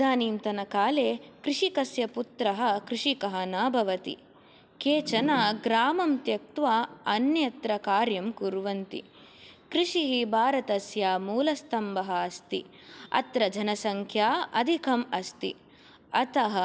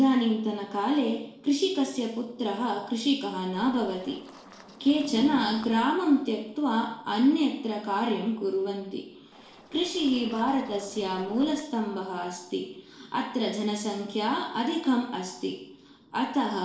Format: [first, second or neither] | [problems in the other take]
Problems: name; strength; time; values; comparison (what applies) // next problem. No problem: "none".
first | noise reduction (neural separator model SepFormer DNS4)